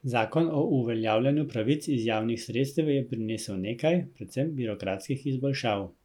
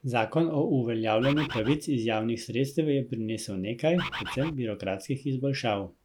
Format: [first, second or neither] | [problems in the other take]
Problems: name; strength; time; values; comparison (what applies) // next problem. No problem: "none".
first | background sound (Bird); 8 dB below the speech